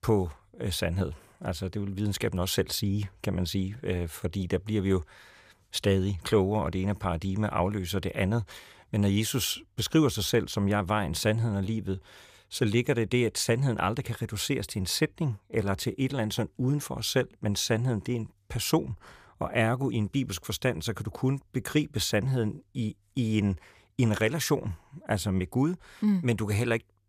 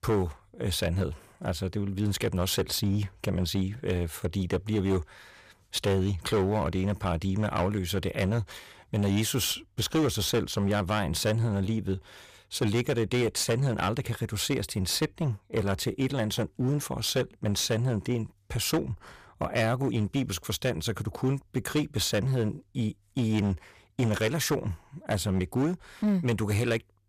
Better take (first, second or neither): first